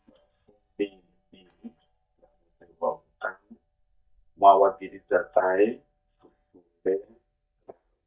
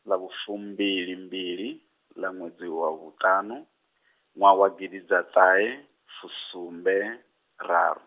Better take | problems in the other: second | noise reduction (neural mask model DeepFilterNet 3)

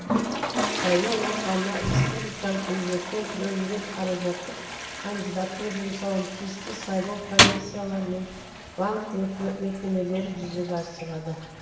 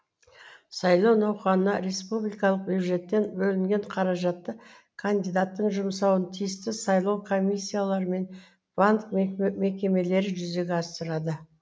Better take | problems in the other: second | background sound (Toilet flush); as loud as the speech // room echo; dies away in 1.1 s

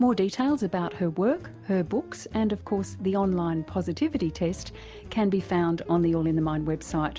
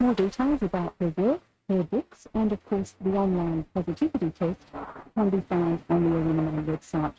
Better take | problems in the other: first | noise reduction (neural mask model RNNoise)

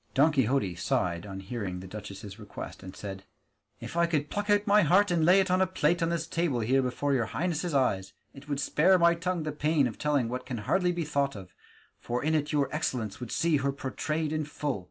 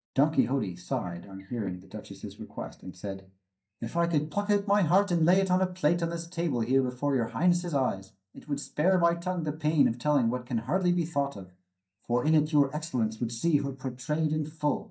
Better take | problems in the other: first | noise reduction (neural mask model DeepFilterNet 3)

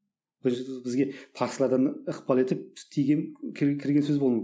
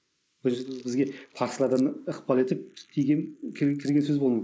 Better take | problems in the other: first | noise reduction (neural mask model Resemble Enhance denoiser)

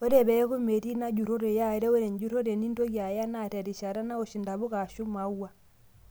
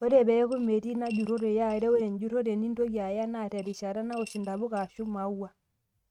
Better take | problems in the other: first | noise reduction (neural mask model RNNoise)

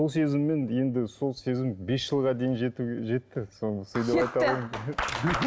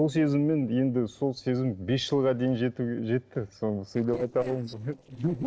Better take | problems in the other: first | noise reduction (neural separator model SepFormer DNS4)

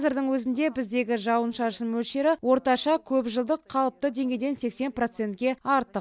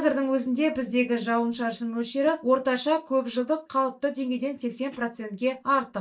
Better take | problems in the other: first | noise reduction (neural mask model DeepFilterNet 3)

